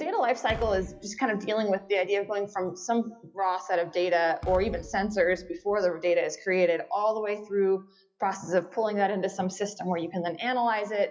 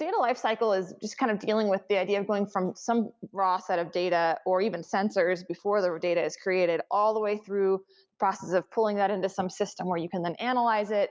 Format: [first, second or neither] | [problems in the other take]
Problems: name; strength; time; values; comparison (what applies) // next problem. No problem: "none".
second | noise reduction (classical method WPE with log-MMSE)